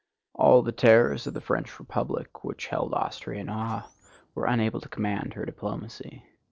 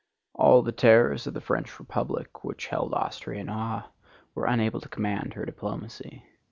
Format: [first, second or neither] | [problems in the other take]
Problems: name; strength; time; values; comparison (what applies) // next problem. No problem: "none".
second | noise reduction (neural separator model SepFormer DNS4)